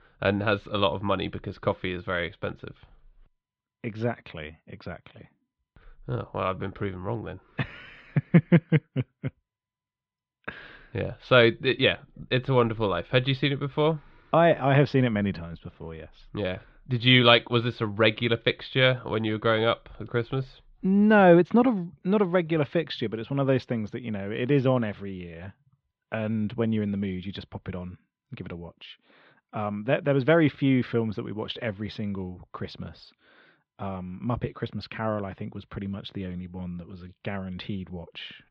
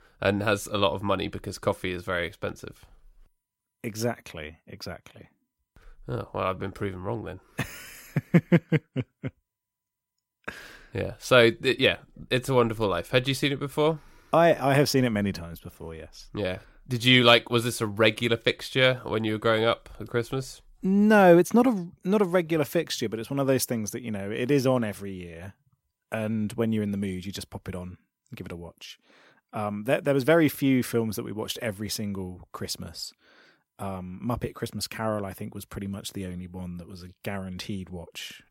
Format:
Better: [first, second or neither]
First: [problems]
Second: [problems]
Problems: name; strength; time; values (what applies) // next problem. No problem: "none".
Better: second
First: muffled; slightly; fading above 3.5 kHz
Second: none